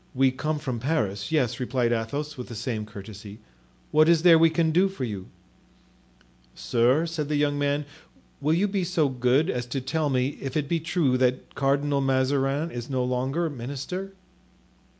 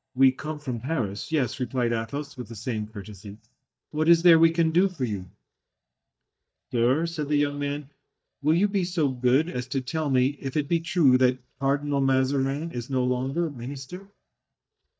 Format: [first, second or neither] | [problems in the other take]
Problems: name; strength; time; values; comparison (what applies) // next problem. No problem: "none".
first | noise reduction (neural mask model DeepFilterNet 3)